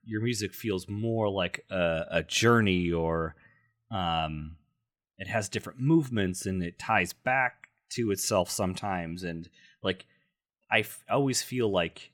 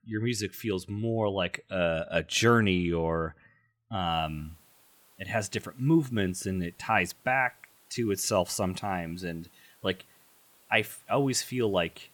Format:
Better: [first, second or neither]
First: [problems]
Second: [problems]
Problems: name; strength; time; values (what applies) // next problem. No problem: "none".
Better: first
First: none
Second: hiss; faint; from 4 s on; 30 dB below the speech